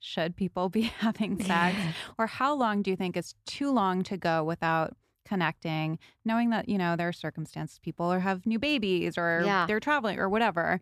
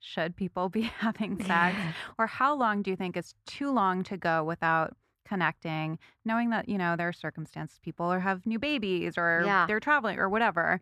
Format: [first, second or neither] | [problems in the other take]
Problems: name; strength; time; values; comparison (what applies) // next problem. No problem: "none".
first | muffled; very slightly; fading above 3 kHz